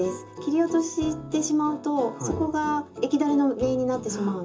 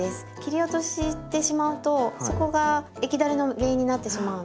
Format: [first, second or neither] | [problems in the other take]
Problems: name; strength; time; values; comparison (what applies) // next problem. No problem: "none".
second | room echo; dies away in 0.2 s